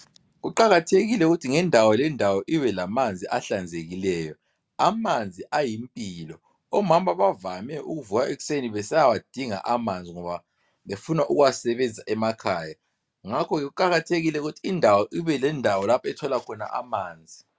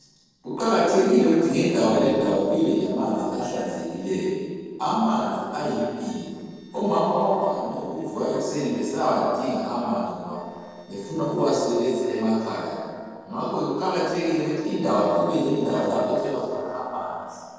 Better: first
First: none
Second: noise reduction (neural separator model SepFormer DNS4)

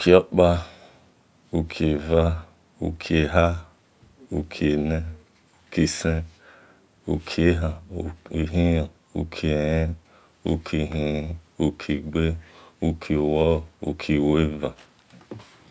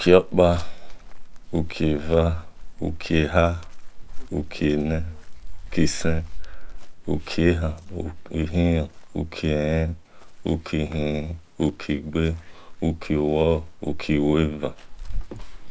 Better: first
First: none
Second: background sound (Chirp, tweet); 6 dB below the speech

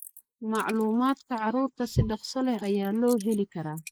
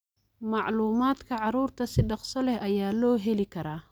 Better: second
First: noise reduction (neural mask model Resemble Enhance denoiser)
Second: none

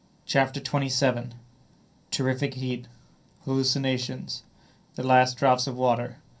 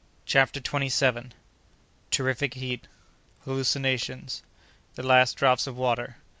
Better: second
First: room echo; dies away in 0.3 s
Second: none

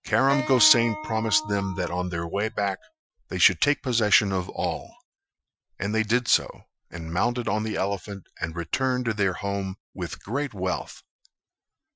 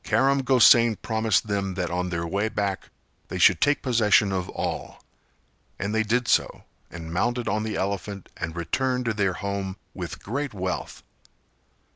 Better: second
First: noise reduction (classical method Wiener filter)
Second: none

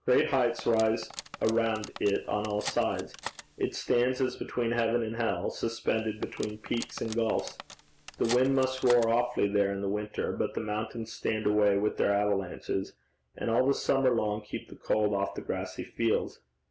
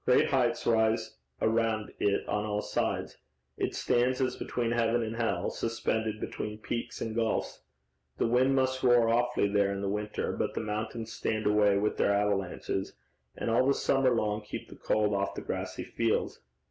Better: second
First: background sound (Cutlery, silverware); 15 dB below the speech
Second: none

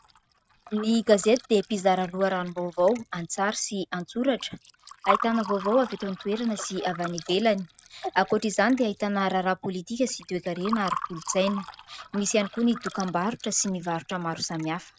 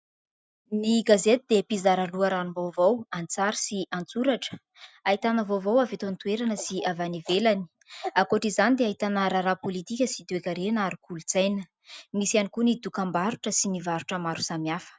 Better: second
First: noise reduction (neural mask model RNNoise)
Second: none

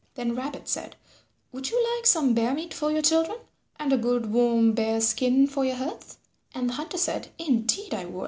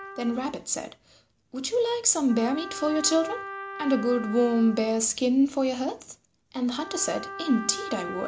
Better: first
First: none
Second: background sound (Trumpet); 14 dB below the speech

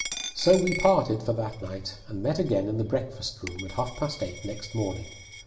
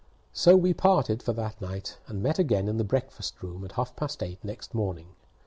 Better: second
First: background sound (Coin (dropping)); 13 dB below the speech // room echo; dies away in 0.6 s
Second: none

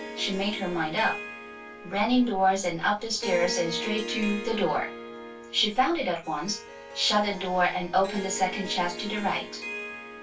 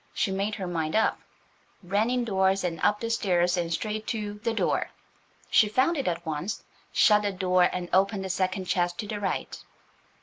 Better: second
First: background sound (Harp); 10 dB below the speech // room echo; dies away in 0.1 s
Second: none

